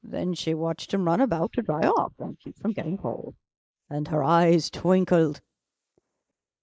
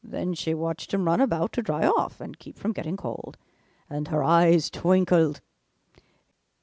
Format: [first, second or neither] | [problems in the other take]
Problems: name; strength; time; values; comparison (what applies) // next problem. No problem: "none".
second | noise reduction (neural mask model Resemble Enhance denoiser)